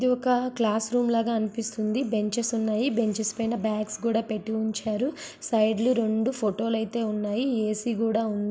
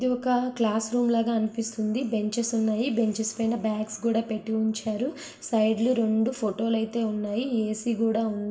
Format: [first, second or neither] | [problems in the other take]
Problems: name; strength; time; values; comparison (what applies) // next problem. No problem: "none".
first | room echo; dies away in 0.6 s